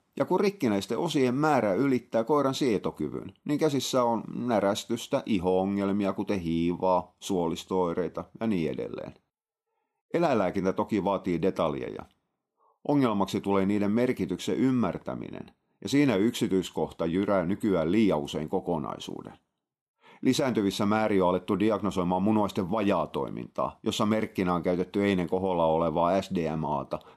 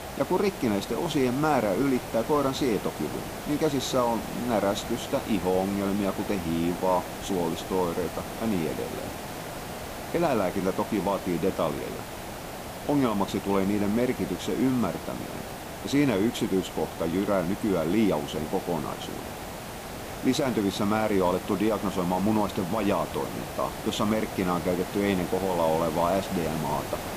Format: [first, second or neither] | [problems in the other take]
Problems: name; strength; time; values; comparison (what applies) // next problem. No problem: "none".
first | hiss; loud; throughout; 9 dB below the speech